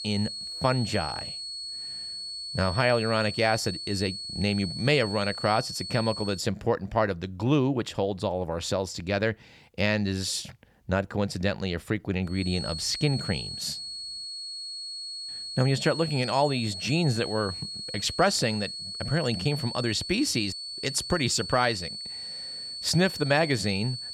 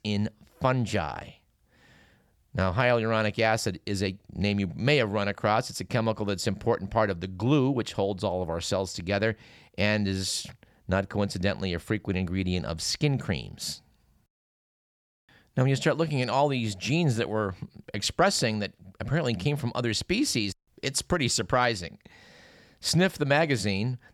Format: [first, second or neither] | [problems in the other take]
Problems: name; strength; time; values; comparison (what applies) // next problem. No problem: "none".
second | high-pitched whine; loud; until 6.5 s and from 12 s on; 4.5 kHz, 7 dB below the speech